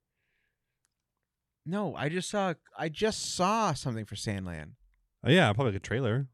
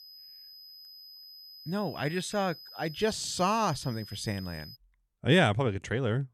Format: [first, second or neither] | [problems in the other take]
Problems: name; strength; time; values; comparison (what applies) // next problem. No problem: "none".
first | high-pitched whine; noticeable; until 5 s; 5 kHz, 15 dB below the speech